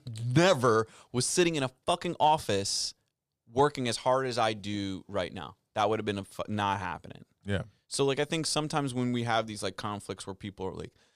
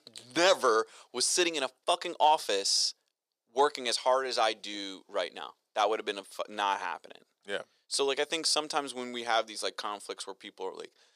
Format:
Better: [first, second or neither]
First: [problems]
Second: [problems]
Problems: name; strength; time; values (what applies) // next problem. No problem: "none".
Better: first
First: none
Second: thin; very; fading below 400 Hz